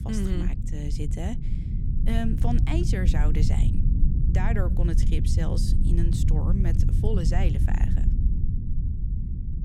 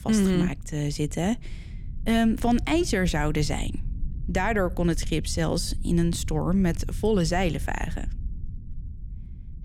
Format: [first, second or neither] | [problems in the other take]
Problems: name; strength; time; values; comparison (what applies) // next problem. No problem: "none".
second | low rumble; loud; throughout; 4 dB below the speech; faint in the second